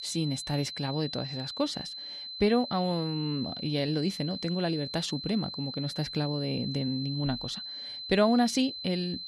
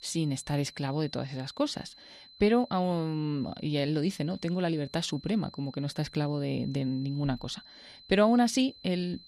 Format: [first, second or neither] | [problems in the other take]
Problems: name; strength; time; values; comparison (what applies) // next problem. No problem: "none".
second | high-pitched whine; loud; throughout; 4 kHz, 7 dB below the speech; faint in the second